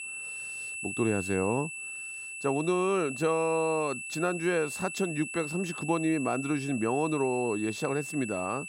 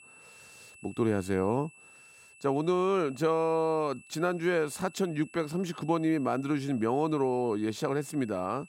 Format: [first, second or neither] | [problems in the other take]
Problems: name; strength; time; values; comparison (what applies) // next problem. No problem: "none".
second | high-pitched whine; loud; throughout; 2.5 kHz, 7 dB below the speech; faint in the second